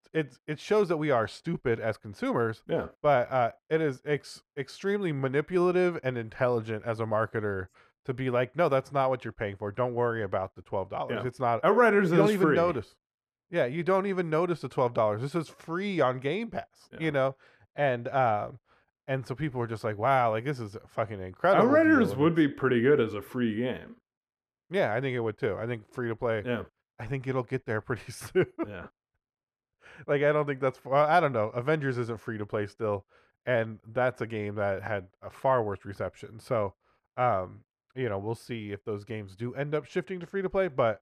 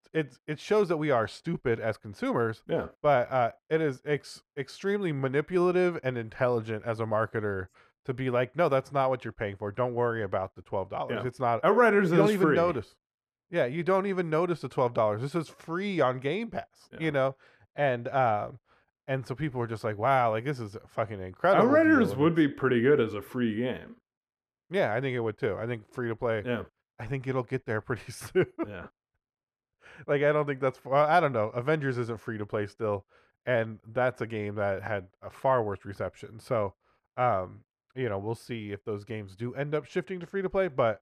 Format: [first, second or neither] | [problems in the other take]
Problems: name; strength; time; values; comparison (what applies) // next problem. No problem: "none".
neither | muffled; slightly; fading above 3 kHz; the same in both